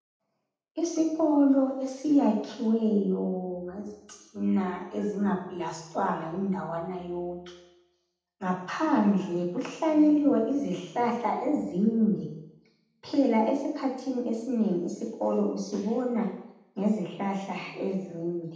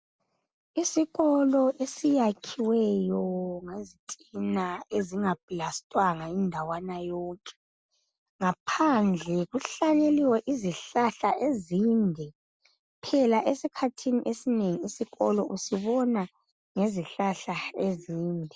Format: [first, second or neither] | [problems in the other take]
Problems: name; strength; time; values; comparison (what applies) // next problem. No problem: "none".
second | room echo; dies away in 0.8 s